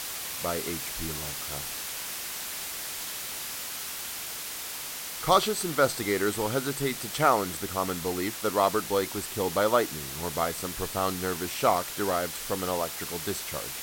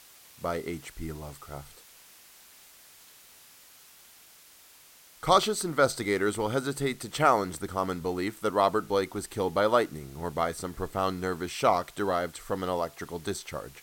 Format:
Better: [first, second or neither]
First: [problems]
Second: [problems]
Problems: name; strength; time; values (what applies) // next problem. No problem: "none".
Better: second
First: hiss; loud; throughout; 5 dB below the speech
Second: hiss; faint; throughout; 25 dB below the speech